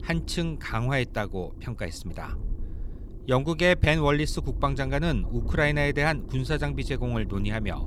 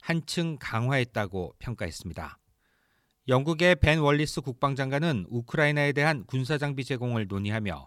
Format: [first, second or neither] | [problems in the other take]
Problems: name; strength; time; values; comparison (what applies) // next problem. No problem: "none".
second | low rumble; faint; throughout; 20 dB below the speech